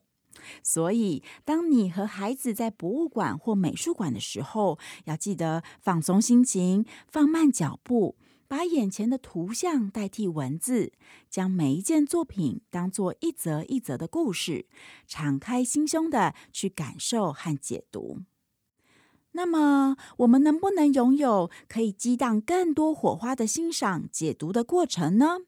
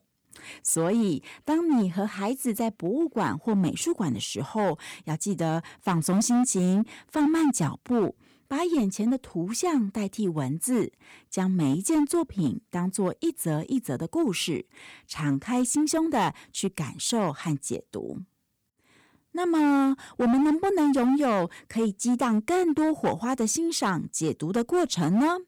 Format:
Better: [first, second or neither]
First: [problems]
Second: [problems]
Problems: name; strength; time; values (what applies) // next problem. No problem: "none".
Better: first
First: none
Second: distortion; slight; 9% of the sound clipped